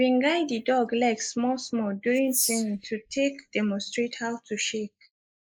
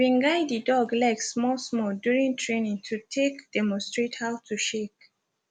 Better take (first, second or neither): second